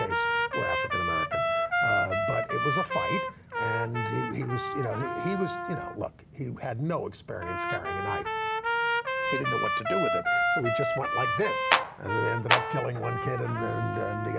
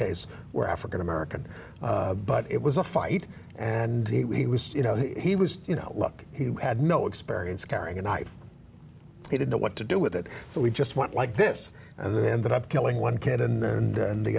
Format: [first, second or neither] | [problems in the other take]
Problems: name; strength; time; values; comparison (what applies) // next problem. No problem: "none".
second | background sound (Trumpet + Clapping); 4 dB above the speech